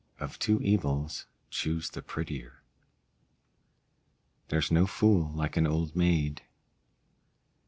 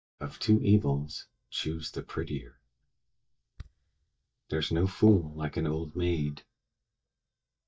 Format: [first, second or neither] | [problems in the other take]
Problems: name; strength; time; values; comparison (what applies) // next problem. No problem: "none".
first | noise reduction (neural mask model DeepFilterNet 3)